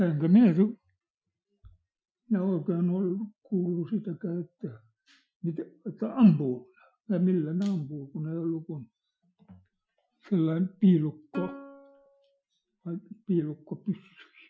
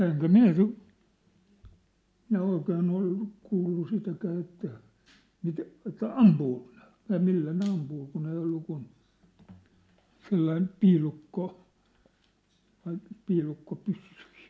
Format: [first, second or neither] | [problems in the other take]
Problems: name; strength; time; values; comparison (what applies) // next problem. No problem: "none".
second | noise reduction (classical method Wiener filter)